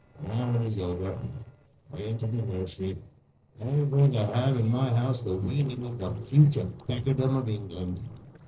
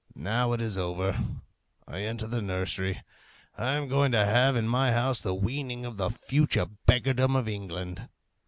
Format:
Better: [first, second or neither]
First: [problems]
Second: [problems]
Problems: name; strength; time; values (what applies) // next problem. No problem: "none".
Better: second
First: noise reduction (neural separator model SepFormer DNS4)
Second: none